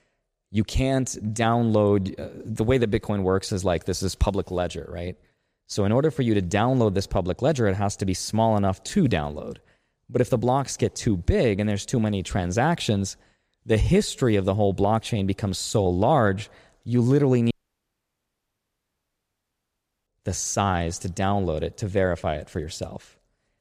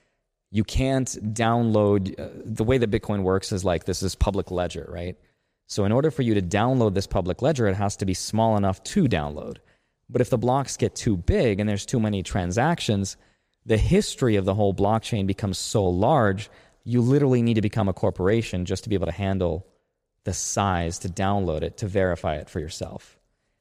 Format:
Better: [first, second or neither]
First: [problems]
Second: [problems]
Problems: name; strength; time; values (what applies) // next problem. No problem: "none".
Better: second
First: audio cutting out; at 18 s for 2.5 s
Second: none